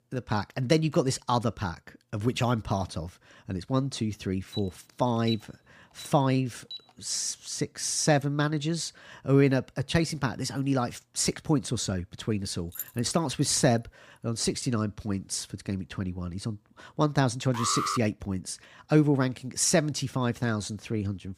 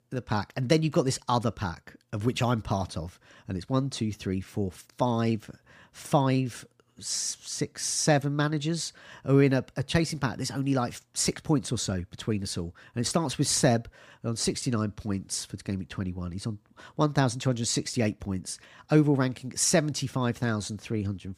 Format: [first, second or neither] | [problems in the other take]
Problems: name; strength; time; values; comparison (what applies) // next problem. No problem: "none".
second | alarm; faint; from 4.5 to 7 s; peak 10 dB below the speech // jangling keys; faint; at 13 s; peak 10 dB below the speech // alarm; noticeable; at 18 s; peak 1 dB below the speech